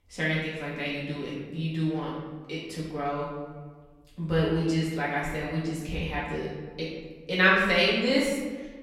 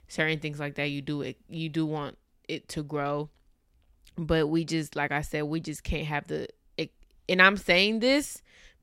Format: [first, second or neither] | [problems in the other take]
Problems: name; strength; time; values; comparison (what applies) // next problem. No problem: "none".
second | room echo; noticeable; dies away in 1.2 s // off-mic speech; far